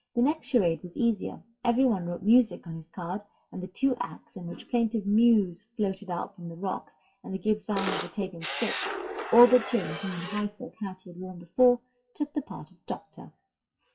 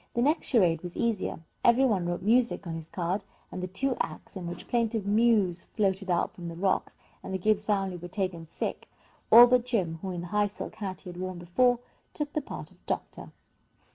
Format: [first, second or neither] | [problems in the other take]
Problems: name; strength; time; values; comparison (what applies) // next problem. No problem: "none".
second | noise reduction (classical method WPE with log-MMSE)